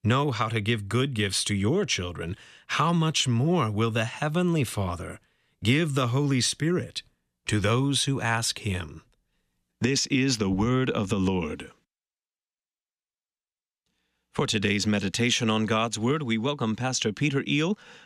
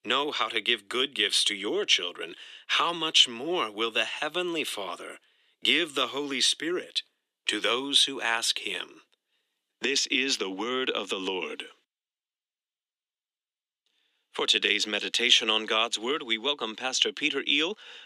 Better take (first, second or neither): first